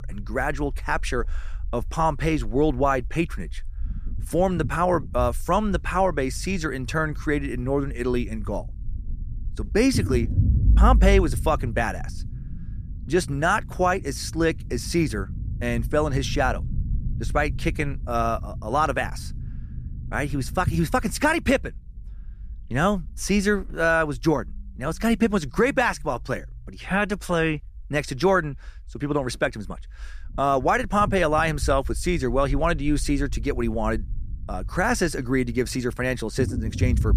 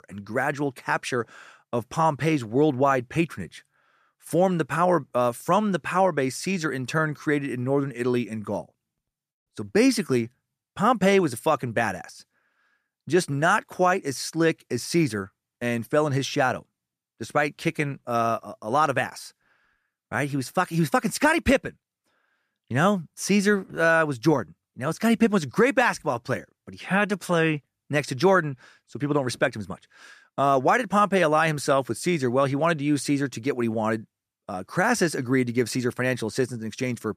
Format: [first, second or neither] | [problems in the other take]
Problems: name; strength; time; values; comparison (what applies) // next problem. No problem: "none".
second | low rumble; faint; throughout; 20 dB below the speech